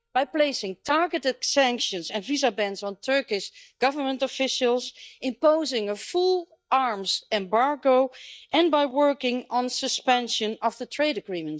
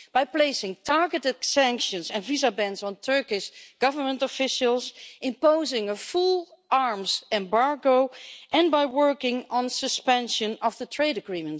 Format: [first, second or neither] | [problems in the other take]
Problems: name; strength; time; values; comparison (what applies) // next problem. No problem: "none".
second | noise reduction (neural mask model DeepFilterNet 3)